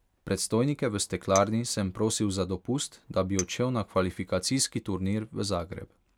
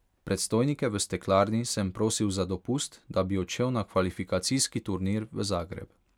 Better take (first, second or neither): second